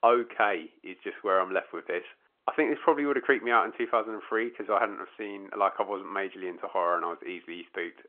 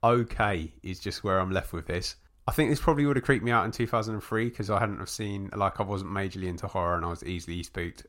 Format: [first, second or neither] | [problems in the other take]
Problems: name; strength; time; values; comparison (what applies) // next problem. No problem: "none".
second | phone-call audio